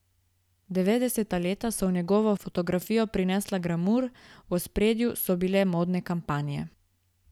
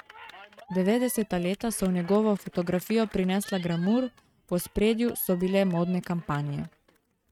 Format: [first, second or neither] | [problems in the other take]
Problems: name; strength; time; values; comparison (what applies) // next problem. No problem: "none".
first | noise reduction (neural mask model RNNoise)